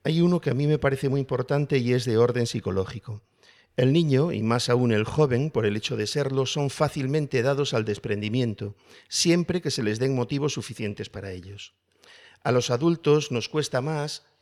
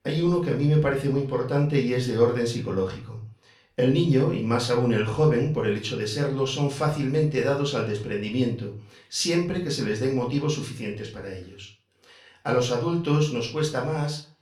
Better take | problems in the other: first | off-mic speech; far // room echo; slight; dies away in 0.3 s

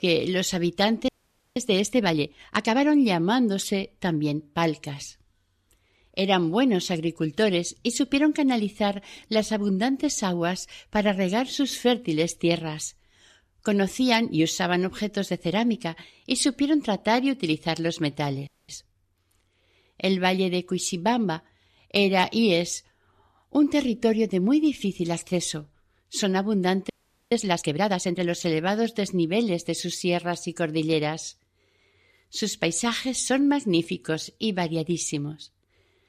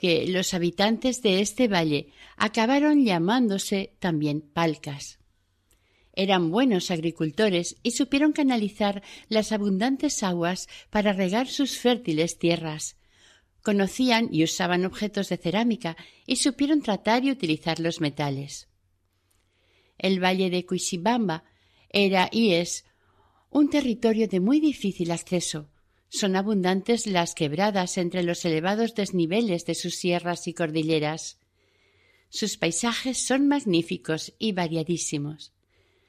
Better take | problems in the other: second | audio freezing; at 1 s, at 18 s and at 27 s

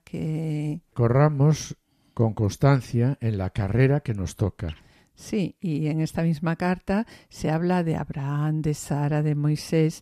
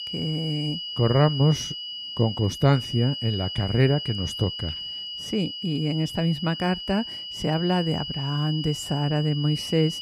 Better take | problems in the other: first | high-pitched whine; loud; throughout; 3 kHz, 7 dB below the speech

